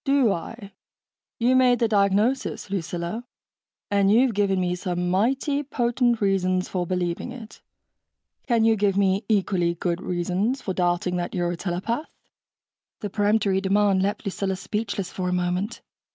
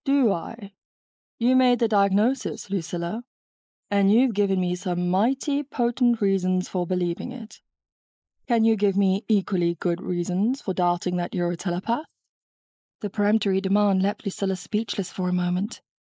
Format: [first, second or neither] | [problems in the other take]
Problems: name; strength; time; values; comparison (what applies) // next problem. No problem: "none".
first | noise reduction (neural mask model Resemble Enhance denoiser)